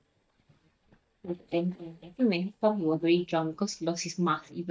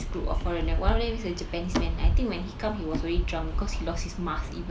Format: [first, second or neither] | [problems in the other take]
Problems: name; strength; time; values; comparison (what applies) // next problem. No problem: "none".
second | noise reduction (neural mask model DeepFilterNet 3)